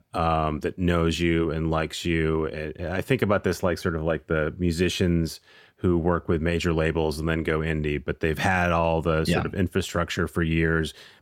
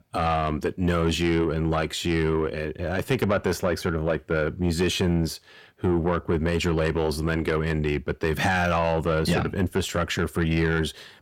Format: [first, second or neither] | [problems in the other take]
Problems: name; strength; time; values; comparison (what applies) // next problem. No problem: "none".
first | distortion; slight; 10 dB below the speech